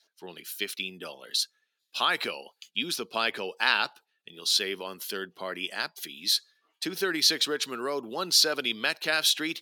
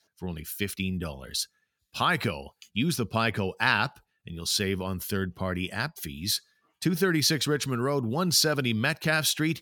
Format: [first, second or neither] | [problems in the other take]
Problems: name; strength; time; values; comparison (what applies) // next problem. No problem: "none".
second | thin; somewhat; fading below 300 Hz